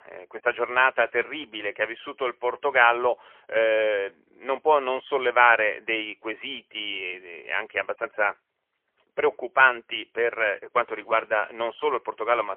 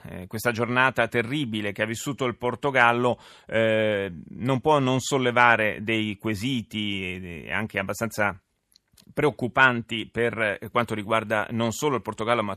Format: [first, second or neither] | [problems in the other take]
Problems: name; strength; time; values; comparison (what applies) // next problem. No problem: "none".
second | phone-call audio; poor line; nothing above 3 kHz